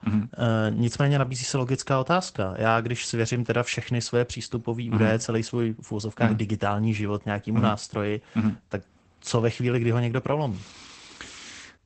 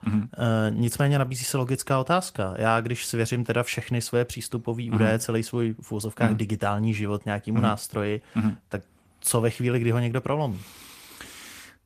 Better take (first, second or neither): second